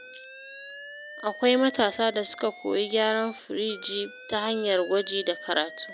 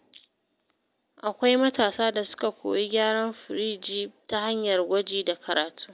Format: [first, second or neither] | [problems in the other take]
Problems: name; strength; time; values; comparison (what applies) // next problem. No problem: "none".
second | background sound (Alarm); 16 dB below the speech